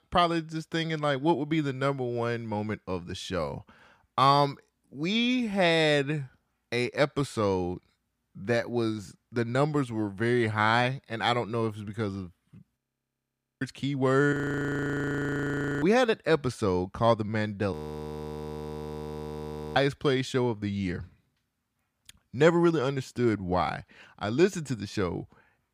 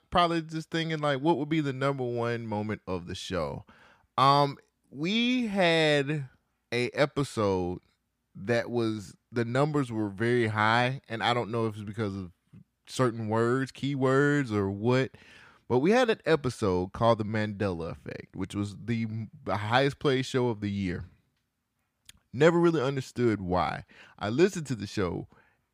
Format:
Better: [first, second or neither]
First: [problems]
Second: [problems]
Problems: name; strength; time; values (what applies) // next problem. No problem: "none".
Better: second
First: audio freezing; at 13 s for 1 s, at 14 s for 1.5 s and at 18 s for 2 s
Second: none